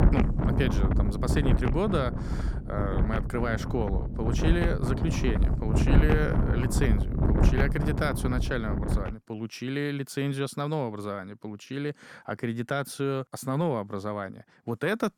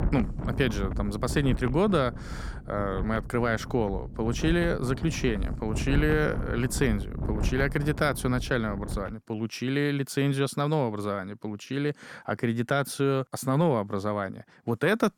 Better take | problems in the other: second | wind noise on the microphone; heavy; until 9 s; 3 dB below the speech; occasional gusts in the second

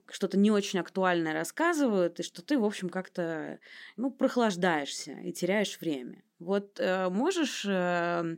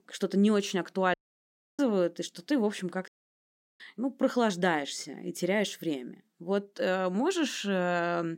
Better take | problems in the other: first | audio cutting out; at 1 s for 0.5 s and at 3 s for 0.5 s

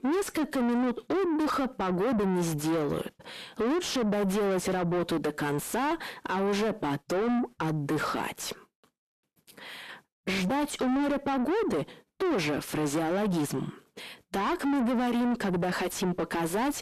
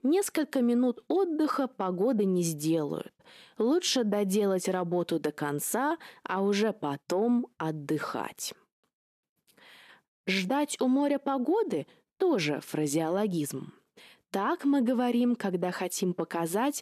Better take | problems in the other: second | distortion; heavy; 7 dB below the speech

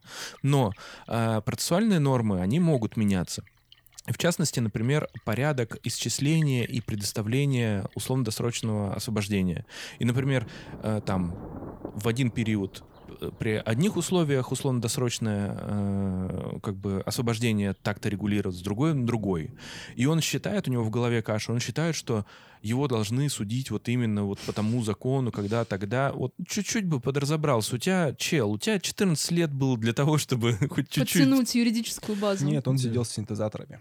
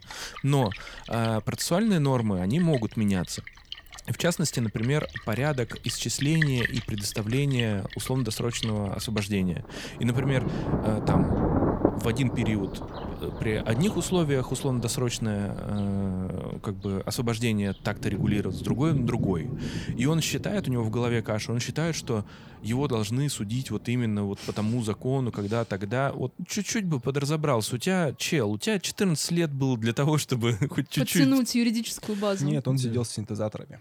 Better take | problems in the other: first | rain or running water; loud; throughout; 7 dB below the speech; faint in the first

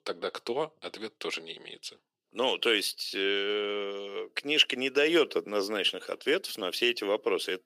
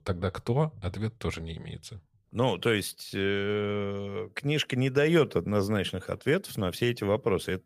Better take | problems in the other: second | thin; somewhat; fading below 300 Hz

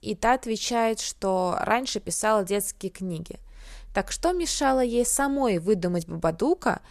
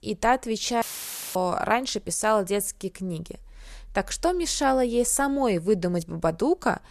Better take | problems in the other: first | audio cutting out; filled with static; at 1 s for 0.5 s

